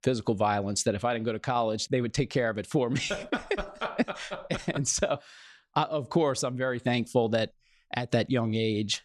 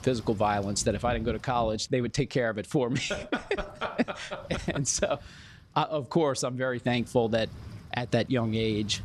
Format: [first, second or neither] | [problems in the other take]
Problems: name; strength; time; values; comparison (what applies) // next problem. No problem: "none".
first | wind noise on the microphone; occasional gusts; 25 dB below the speech